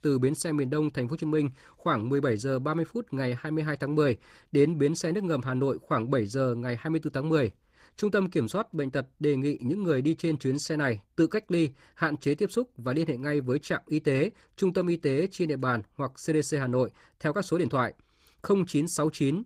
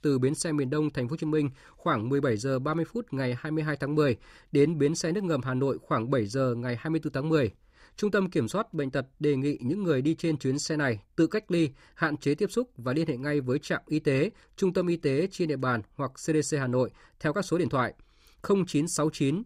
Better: second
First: garbled, watery; slightly; nothing above 15.5 kHz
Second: none

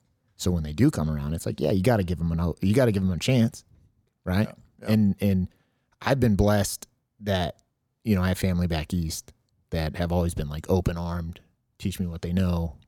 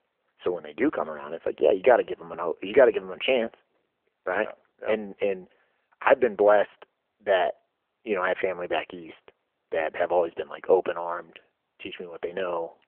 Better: first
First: none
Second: phone-call audio; nothing above 3 kHz

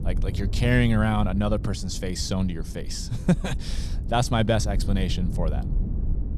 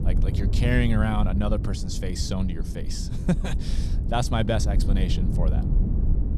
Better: first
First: wind noise on the microphone; occasional gusts; 15 dB below the speech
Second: wind noise on the microphone; heavy; 9 dB below the speech

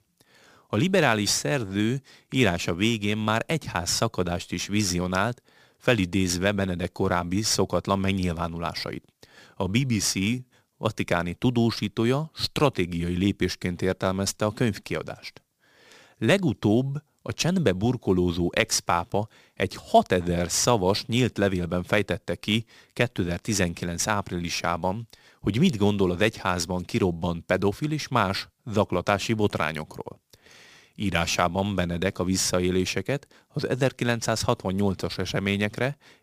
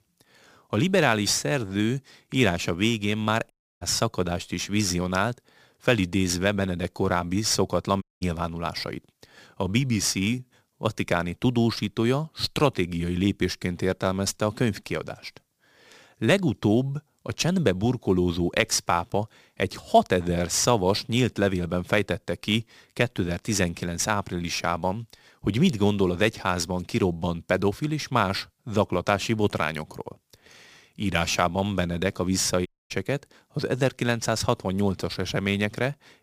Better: first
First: none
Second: audio cutting out; at 3.5 s, at 8 s and at 33 s

